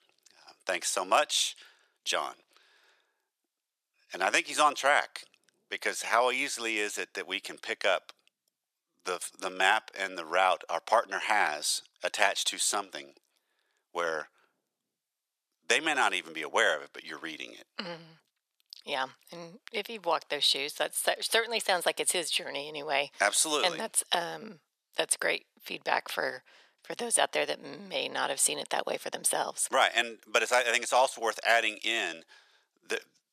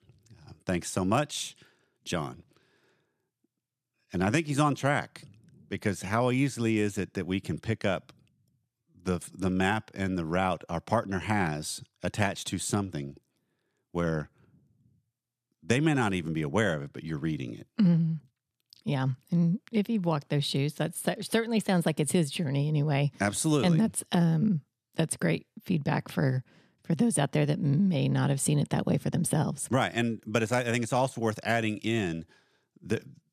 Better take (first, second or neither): second